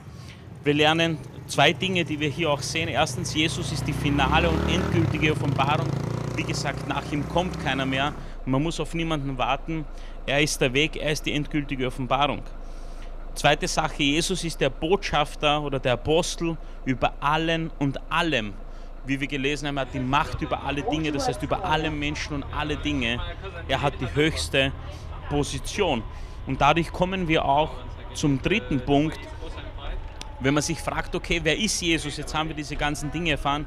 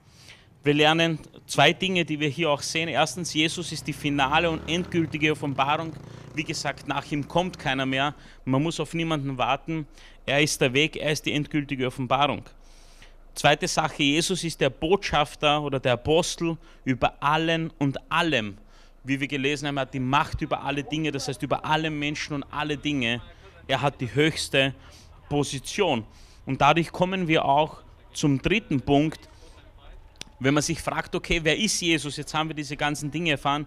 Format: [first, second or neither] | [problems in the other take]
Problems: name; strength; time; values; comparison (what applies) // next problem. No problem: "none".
second | traffic noise; loud; throughout; 10 dB below the speech; faint in the second